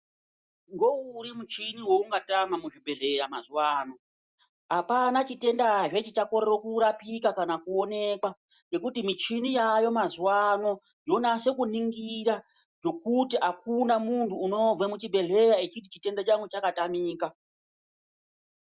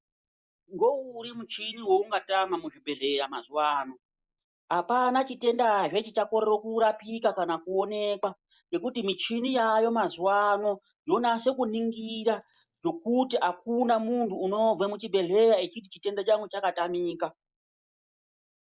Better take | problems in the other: first | noise reduction (neural mask model Resemble Enhance denoiser)

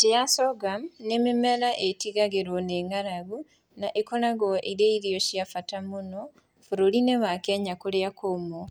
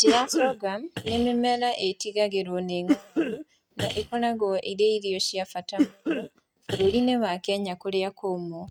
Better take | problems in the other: first | noise reduction (neural mask model RNNoise)

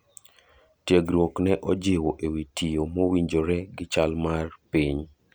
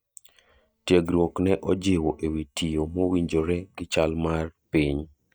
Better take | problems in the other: first | noise reduction (neural mask model DeepFilterNet 3)

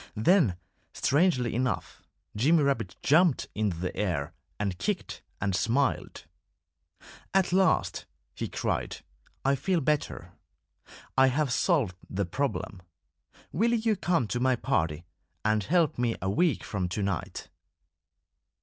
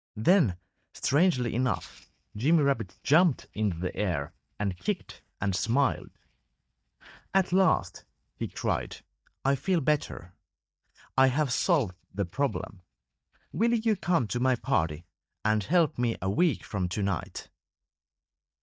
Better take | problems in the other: first | noise reduction (neural mask model DeepFilterNet 3)

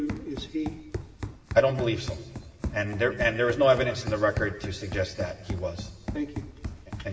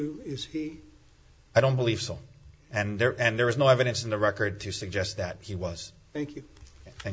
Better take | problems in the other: second | background sound (Run); 9 dB below the speech // room echo; dies away in 2.8 s

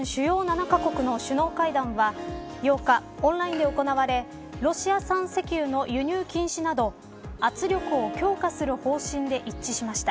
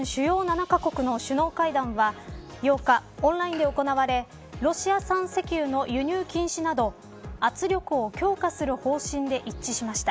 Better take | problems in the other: second | background sound (Harp); 13 dB below the speech

